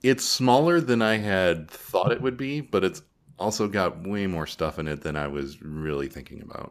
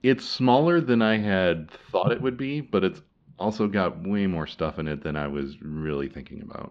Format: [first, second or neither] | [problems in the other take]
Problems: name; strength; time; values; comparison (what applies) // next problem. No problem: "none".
first | muffled; very slightly; fading above 3.5 kHz